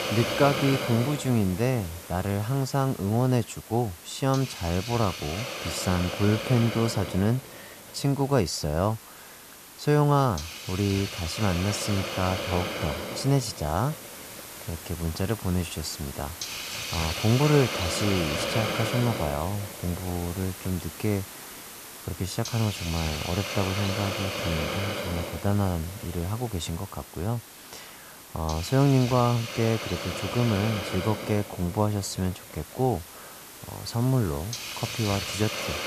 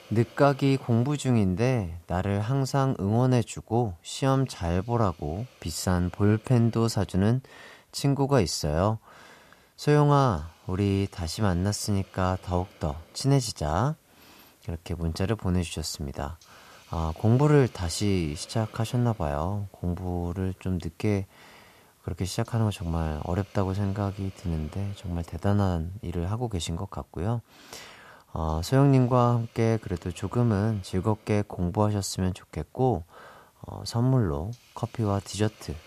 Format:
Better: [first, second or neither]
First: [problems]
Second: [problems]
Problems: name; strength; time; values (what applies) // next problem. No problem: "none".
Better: second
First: hiss; loud; throughout; 6 dB below the speech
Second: hiss; faint; throughout; 30 dB below the speech